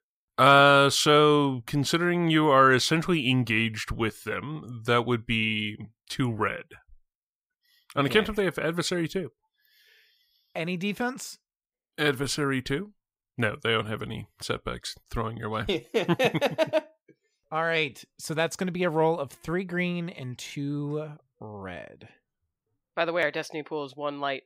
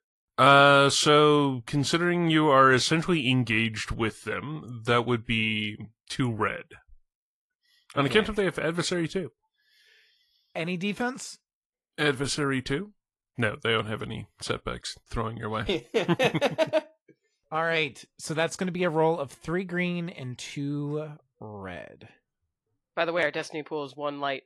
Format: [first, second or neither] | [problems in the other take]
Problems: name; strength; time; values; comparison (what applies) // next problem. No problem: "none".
first | garbled, watery; slightly